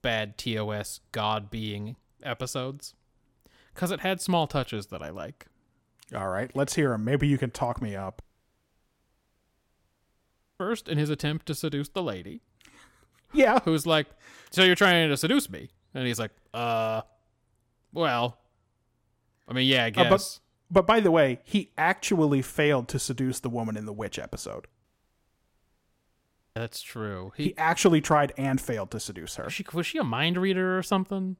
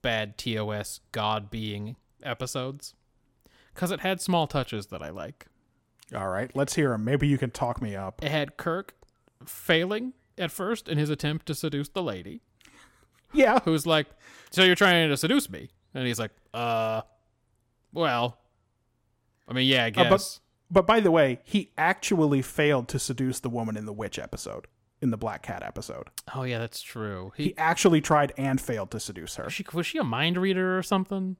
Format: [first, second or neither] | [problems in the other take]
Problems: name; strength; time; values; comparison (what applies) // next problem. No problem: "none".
second | audio cutting out; at 8 s for 2.5 s and at 25 s for 1.5 s